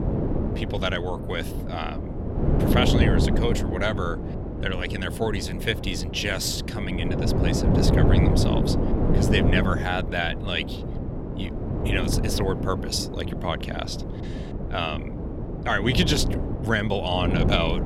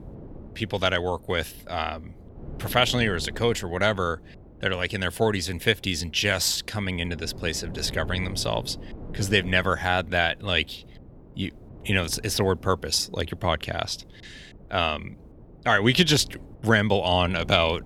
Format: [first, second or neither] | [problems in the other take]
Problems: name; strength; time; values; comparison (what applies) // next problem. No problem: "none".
second | wind noise on the microphone; heavy; 5 dB below the speech; occasional gusts in the second